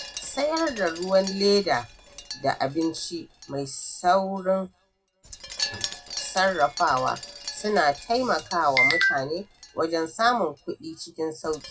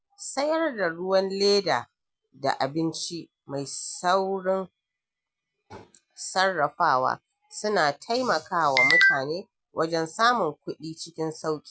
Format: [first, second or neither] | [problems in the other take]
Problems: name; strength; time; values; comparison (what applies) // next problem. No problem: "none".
second | background sound (Wind chime); 14 dB below the speech // room echo; dies away in 0.2 s